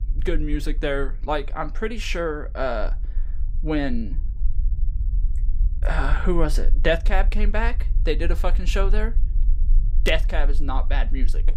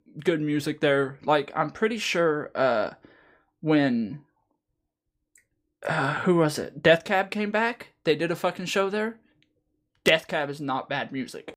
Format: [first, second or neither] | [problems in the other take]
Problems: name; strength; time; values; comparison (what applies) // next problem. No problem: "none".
second | low rumble; faint; throughout; 25 dB below the speech